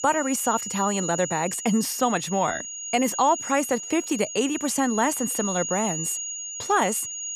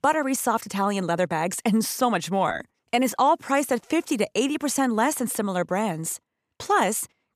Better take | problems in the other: second | high-pitched whine; loud; throughout; 6.5 kHz, 6 dB below the speech

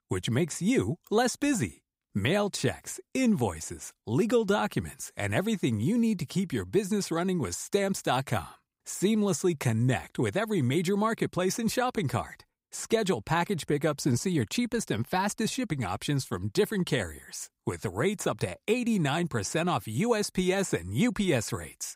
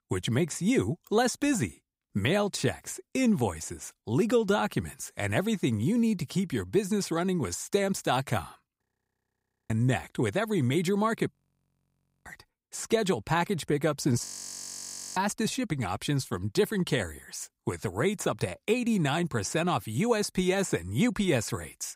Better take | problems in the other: first | audio freezing; at 9 s for 1 s, at 11 s for 1 s and at 14 s for 1 s

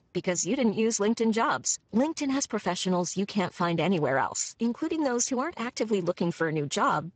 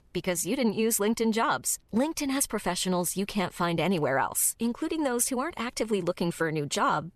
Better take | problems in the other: second | garbled, watery; badly; nothing above 7.5 kHz

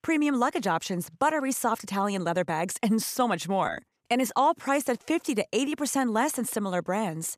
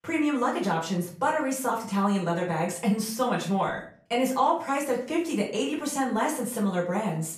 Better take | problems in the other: first | room echo; slight; dies away in 0.4 s // off-mic speech; far

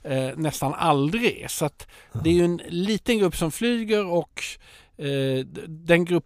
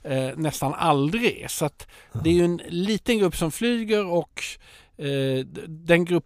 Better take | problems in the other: neither | none

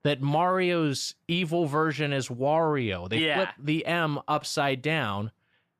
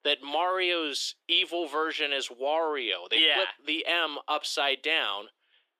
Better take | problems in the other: first | thin; very; fading below 350 Hz

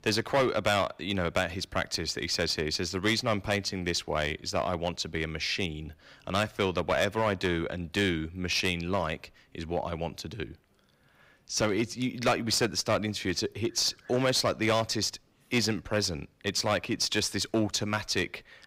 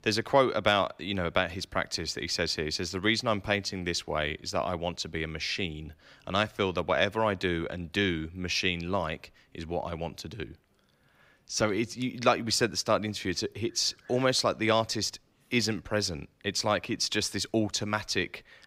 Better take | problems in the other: second | distortion; slight; 4% of the sound clipped

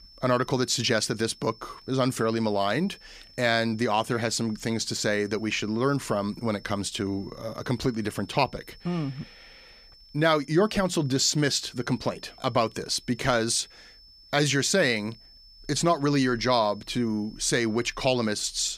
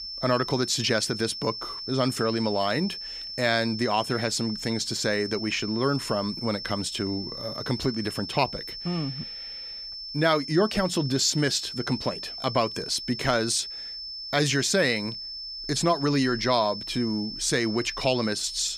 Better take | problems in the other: first | high-pitched whine; loud; throughout; 5.5 kHz, 8 dB below the speech; faint in the first

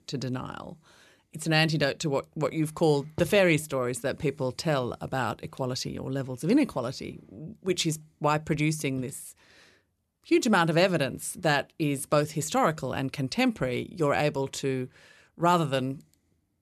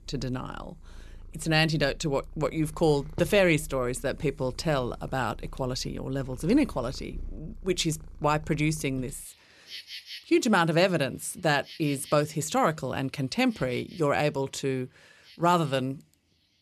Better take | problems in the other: first | animal sounds; noticeable; throughout; 20 dB below the speech

